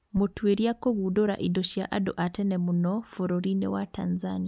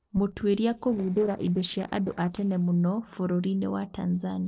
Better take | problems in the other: first | noise reduction (neural separator model SepFormer DNS4)

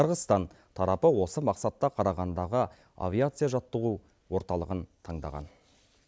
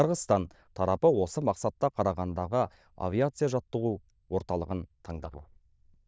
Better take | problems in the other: first | noise reduction (neural diffusion model UNIVERSE++)

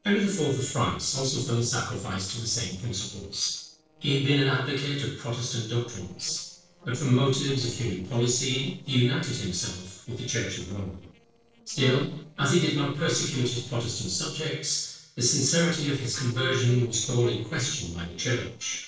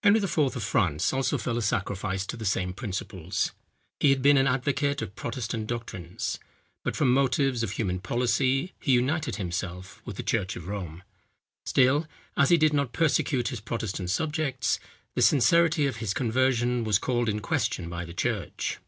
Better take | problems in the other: second | noise reduction (neural separator model SepFormer DNS4)

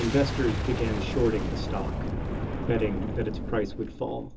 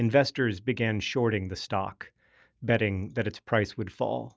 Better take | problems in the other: second | background sound (Boom); 1 dB below the speech // room echo; dies away in 0.2 s

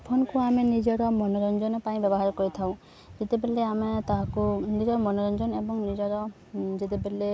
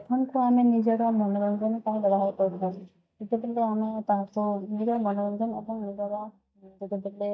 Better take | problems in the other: first | noise reduction (neural mask model DeepFilterNet 3)

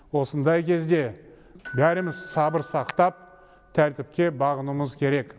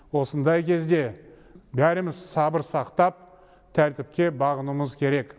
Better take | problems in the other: second | background sound (Hands + Door / Bell); 20 dB below the speech

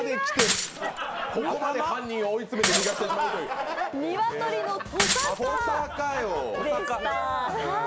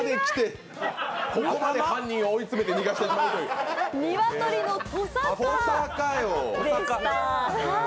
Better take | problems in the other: second | background sound (Shatter / Crushing); 2 dB below the speech

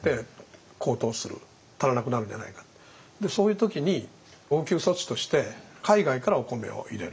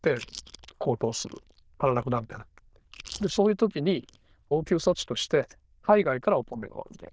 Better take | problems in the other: first | noise reduction (neural diffusion model UNIVERSE++)

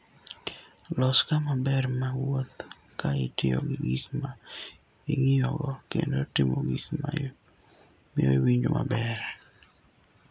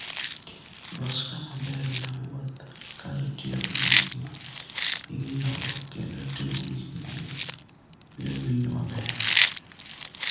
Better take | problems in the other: first | background sound (Chewing, mastication); 1 dB above the speech // room echo; dies away in 1 s

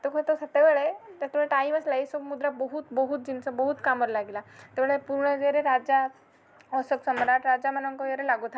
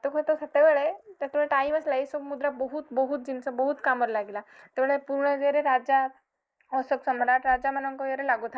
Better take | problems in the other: first | noise reduction (neural mask model Resemble Enhance denoiser)

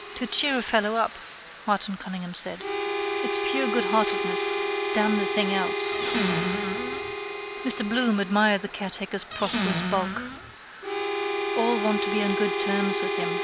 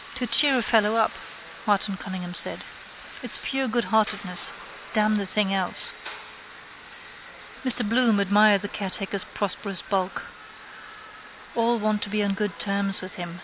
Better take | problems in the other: second | background sound (Harmonica + Squeak / Cupboard open or close); 1 dB below the speech

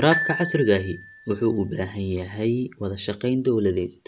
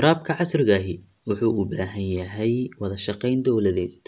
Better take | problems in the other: second | background sound (Glockenspiel); 9 dB below the speech

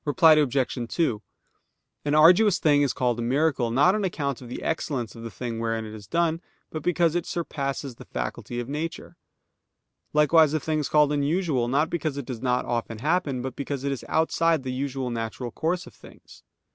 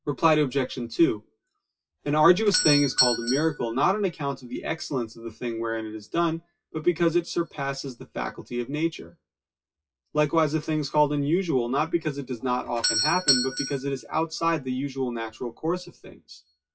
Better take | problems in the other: first | noise reduction (classical method WPE with log-MMSE)

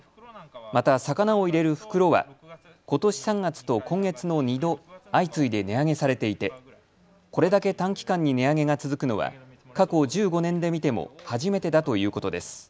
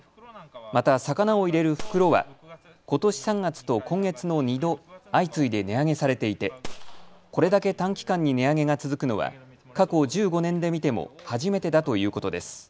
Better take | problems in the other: first | background sound (Gunshot, gunfire); 14 dB below the speech

